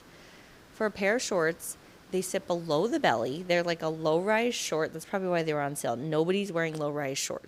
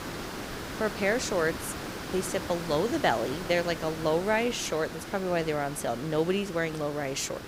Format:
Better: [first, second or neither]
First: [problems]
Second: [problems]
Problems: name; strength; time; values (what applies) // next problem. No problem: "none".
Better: first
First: hiss; faint; throughout; 25 dB below the speech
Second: hiss; loud; throughout; 9 dB below the speech